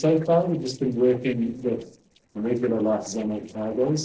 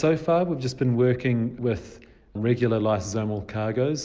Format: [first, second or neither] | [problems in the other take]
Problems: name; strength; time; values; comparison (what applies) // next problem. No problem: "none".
second | noise reduction (neural separator model SepFormer DNS4)